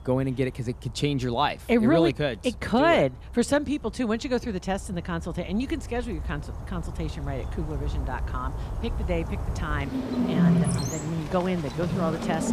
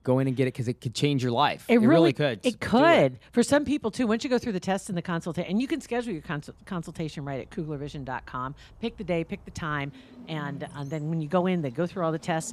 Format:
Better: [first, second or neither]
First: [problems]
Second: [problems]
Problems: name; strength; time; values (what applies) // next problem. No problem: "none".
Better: second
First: animal sounds; loud; throughout; 3 dB below the speech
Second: animal sounds; faint; throughout; 25 dB below the speech